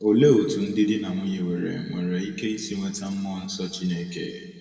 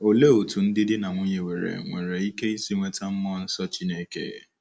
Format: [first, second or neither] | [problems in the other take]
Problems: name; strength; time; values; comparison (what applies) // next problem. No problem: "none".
second | room echo; dies away in 2 s